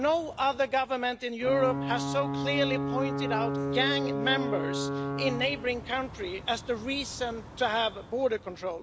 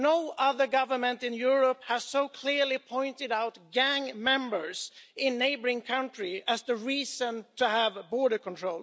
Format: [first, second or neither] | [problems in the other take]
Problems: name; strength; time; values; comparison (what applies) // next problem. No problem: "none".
second | background sound (Alarm / Ocean / Boat, Water vehicle); 4 dB below the speech